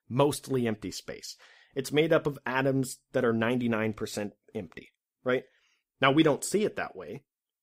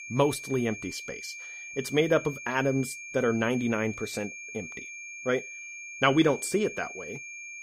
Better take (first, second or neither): first